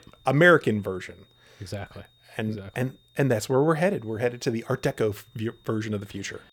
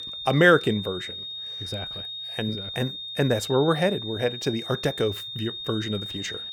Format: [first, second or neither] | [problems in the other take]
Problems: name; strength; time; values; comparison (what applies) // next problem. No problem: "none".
first | high-pitched whine; loud; throughout; 3.5 kHz, 8 dB below the speech; faint in the first